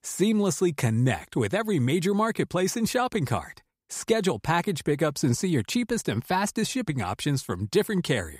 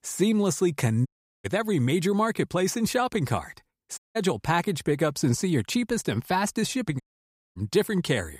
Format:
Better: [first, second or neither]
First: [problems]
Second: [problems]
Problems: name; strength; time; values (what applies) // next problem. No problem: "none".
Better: first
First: none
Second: audio cutting out; at 1 s, at 4 s and at 7 s for 0.5 s